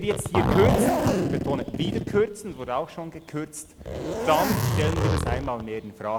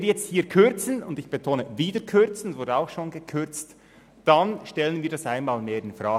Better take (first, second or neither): second